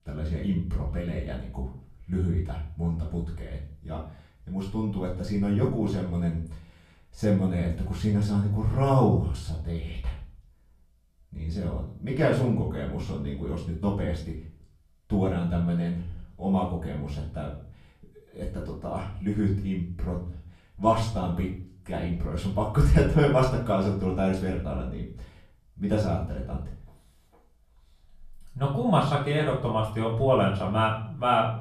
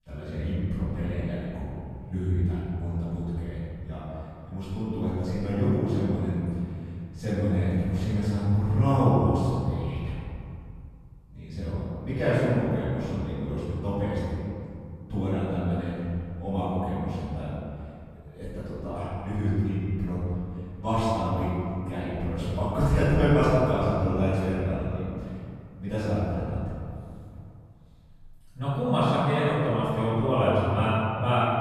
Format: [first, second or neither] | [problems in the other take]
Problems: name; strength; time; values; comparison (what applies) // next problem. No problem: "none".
first | room echo; strong; dies away in 2.4 s; slight in the first // off-mic speech; far; far in the first